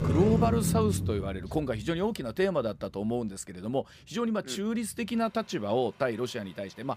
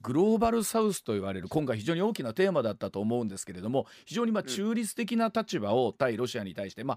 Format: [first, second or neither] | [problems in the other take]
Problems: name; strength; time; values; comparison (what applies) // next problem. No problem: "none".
second | traffic noise; loud; throughout; as loud as the speech